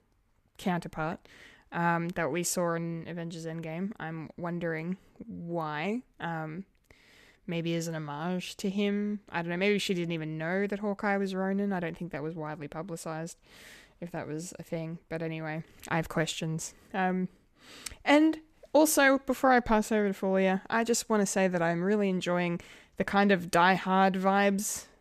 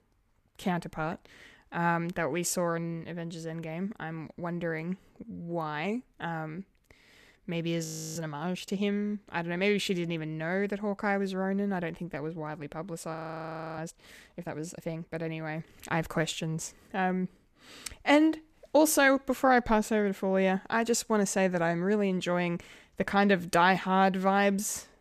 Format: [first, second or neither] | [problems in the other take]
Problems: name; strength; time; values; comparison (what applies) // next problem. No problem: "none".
first | audio freezing; at 8 s and at 13 s for 0.5 s